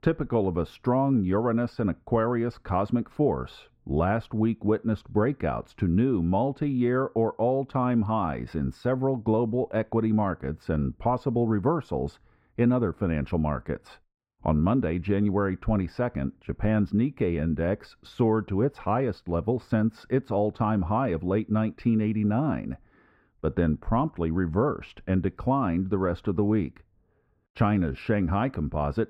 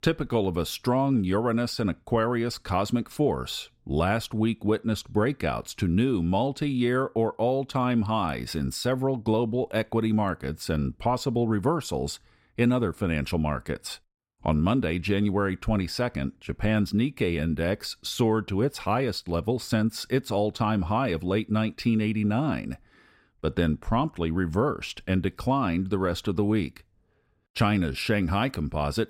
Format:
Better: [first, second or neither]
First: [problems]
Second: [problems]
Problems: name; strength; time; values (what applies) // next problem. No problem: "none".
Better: second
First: muffled; very; fading above 3 kHz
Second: none